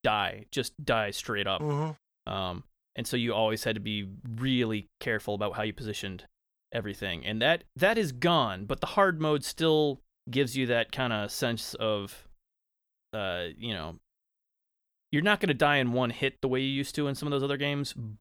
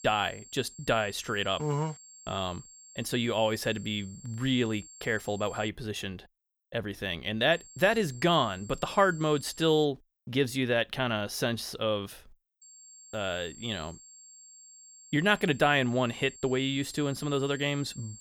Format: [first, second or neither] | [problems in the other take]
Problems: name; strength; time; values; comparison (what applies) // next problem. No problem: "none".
first | high-pitched whine; noticeable; until 5.5 s, from 7.5 to 10 s and from 13 s on; 7.5 kHz, 20 dB below the speech